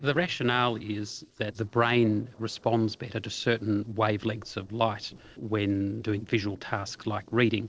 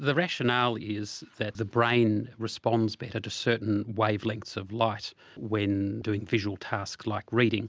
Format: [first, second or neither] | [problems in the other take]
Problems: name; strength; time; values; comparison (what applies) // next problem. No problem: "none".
second | noise reduction (neural separator model SepFormer DNS4)